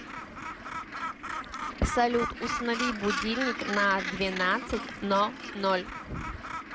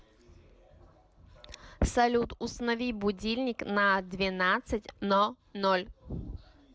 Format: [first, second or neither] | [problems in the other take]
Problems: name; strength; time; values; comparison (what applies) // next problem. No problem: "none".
second | background sound (Gull, seagull); 5 dB below the speech